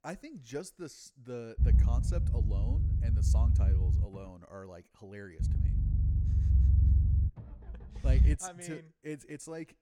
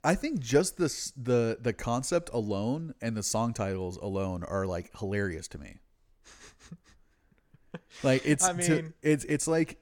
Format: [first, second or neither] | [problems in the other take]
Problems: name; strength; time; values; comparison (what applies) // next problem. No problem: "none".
second | low rumble; loud; from 1.5 to 4.5 s and from 5.5 to 8.5 s; 1 dB below the speech